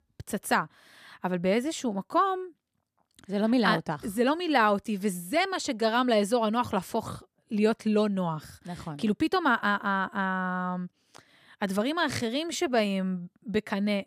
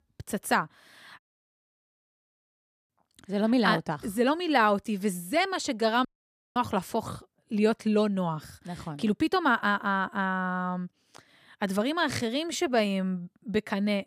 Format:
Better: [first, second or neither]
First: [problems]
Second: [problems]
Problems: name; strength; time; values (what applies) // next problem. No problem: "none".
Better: first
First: none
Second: audio cutting out; at 1 s for 1.5 s and at 6 s for 0.5 s